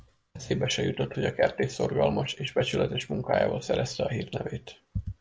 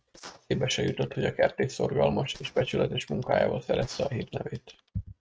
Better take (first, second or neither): first